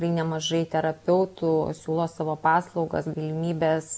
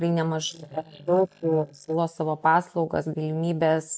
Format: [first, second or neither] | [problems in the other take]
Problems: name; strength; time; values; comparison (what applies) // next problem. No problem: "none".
first | noise reduction (neural mask model DeepFilterNet 3)